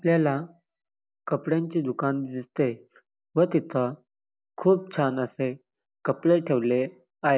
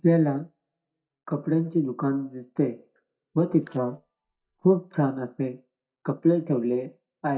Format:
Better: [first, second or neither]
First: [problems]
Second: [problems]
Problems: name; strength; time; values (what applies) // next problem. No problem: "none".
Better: first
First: none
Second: noise reduction (neural mask model DeepFilterNet 3)